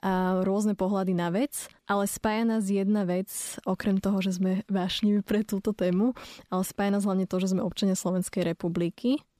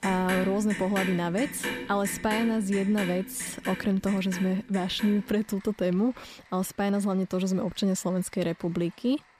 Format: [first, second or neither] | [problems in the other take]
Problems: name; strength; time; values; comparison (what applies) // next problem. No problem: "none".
first | household noises; loud; throughout; 8 dB below the speech